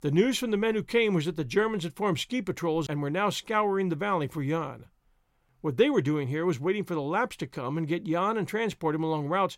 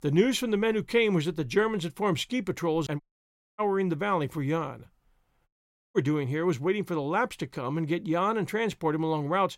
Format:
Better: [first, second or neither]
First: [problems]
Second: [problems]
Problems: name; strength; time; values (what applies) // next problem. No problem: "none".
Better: first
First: none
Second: audio cutting out; at 3 s for 0.5 s and at 5.5 s